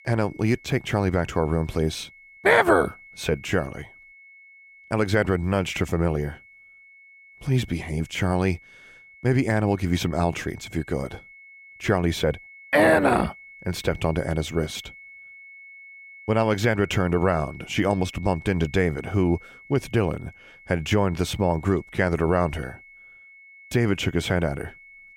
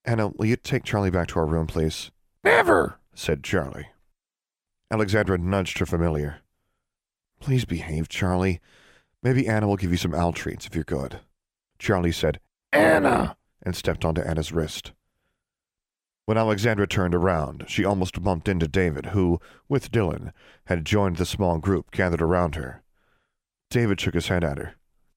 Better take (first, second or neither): second